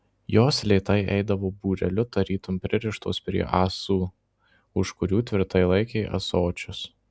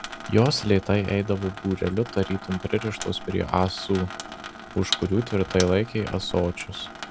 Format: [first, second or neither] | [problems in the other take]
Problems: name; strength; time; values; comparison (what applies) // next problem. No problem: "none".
first | background sound (Sink (filling or washing) / Water tap, faucet); 12 dB below the speech